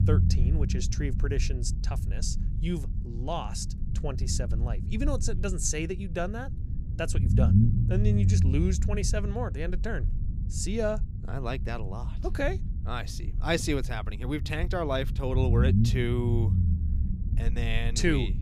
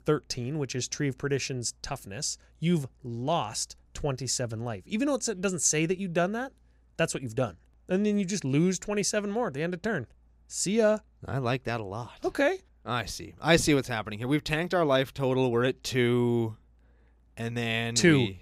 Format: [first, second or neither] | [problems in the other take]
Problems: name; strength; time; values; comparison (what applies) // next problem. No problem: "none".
second | low rumble; loud; throughout; 9 dB below the speech